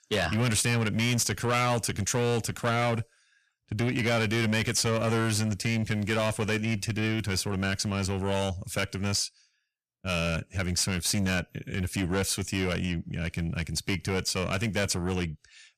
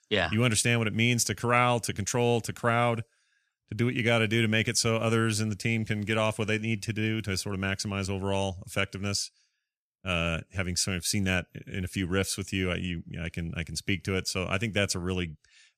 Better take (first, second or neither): second